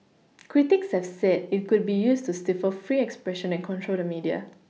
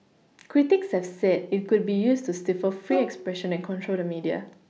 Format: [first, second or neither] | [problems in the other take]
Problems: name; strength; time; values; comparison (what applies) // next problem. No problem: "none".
first | background sound (Bowed string instrument); 10 dB below the speech